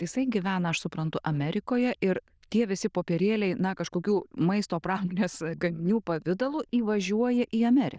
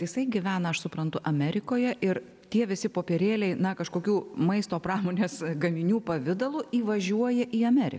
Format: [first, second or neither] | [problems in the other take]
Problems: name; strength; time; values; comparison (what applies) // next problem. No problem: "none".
second | noise reduction (neural diffusion model UNIVERSE++)